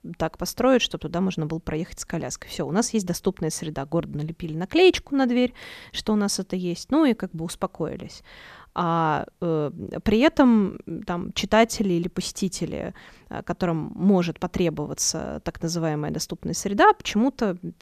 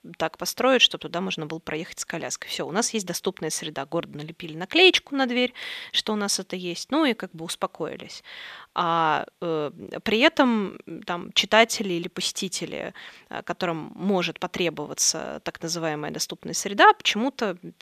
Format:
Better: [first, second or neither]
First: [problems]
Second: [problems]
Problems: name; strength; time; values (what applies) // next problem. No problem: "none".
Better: first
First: none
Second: thin; very slightly; fading below 950 Hz